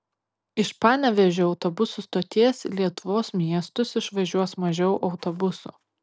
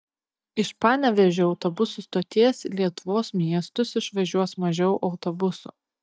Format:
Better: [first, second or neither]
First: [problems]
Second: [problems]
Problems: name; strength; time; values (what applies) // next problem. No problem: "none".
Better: first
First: none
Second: noise reduction (neural mask model DeepFilterNet 3)